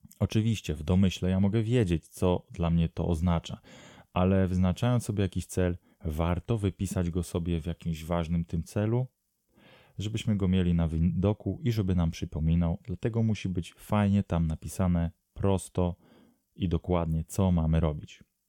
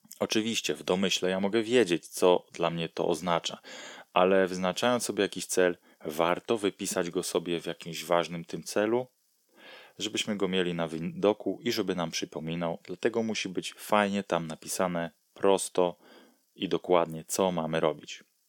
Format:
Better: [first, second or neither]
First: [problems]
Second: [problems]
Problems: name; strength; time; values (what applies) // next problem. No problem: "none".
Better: first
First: none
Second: thin; somewhat; fading below 300 Hz